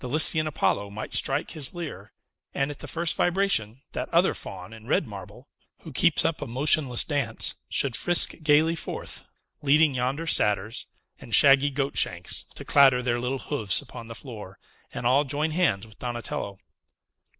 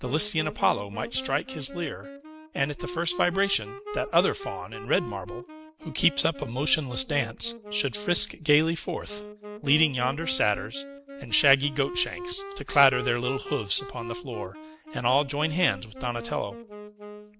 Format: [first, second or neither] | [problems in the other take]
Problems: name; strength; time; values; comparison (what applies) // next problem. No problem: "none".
first | background sound (Wind instrument, woodwind instrument); 12 dB below the speech